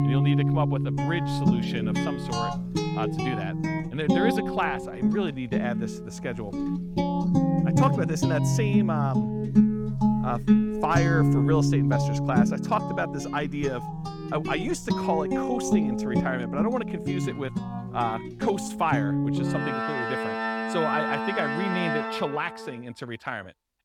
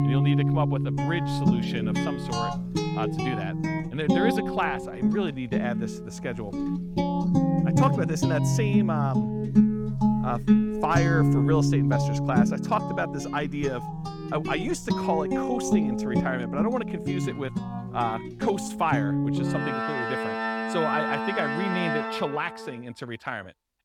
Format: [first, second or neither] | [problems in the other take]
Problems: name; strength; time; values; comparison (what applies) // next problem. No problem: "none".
neither | background music; very loud; throughout; 4 dB above the speech; the same in both